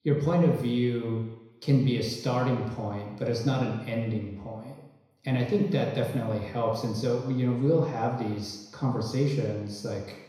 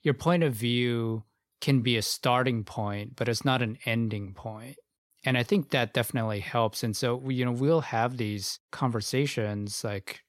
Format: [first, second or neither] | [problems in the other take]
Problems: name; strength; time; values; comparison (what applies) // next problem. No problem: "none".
second | room echo; noticeable; dies away in 1 s // off-mic speech; far